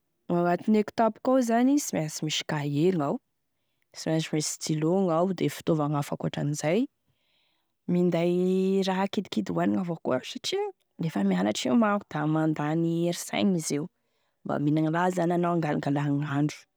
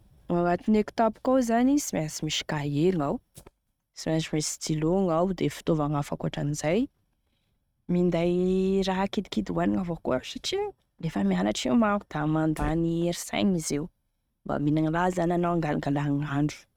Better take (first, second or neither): first